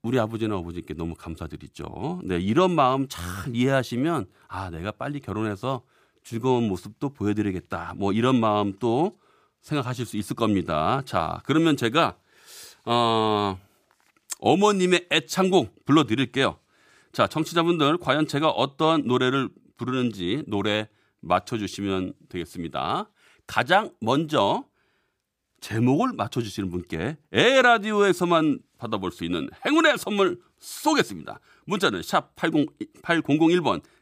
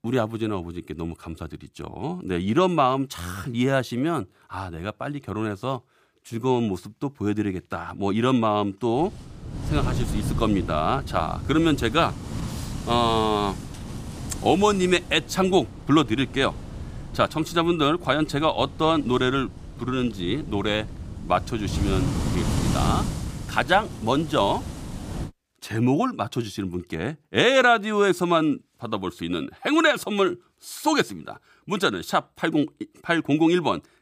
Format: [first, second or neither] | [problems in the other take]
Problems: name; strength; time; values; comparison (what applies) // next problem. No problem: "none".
first | wind noise on the microphone; occasional gusts; from 9 to 25 s; 15 dB below the speech